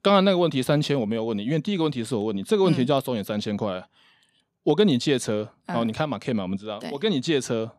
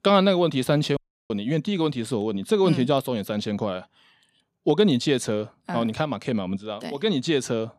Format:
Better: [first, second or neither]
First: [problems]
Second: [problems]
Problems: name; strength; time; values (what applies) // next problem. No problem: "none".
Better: first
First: none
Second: audio cutting out; at 1 s